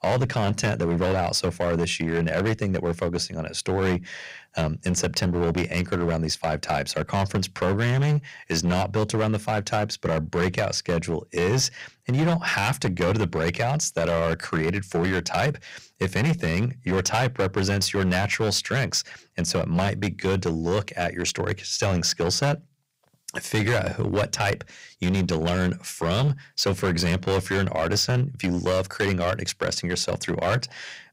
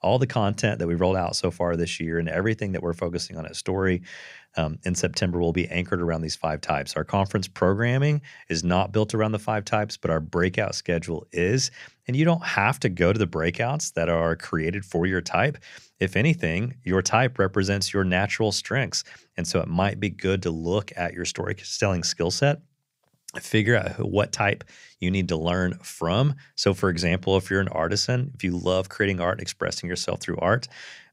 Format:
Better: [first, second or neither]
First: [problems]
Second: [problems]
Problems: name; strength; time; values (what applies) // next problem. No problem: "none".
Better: second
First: distortion; heavy; 11% of the sound clipped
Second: none